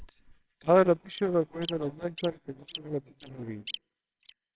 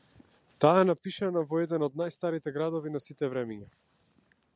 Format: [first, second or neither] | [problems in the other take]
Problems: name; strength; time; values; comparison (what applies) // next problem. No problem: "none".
second | noise reduction (neural separator model SepFormer WHAMR!)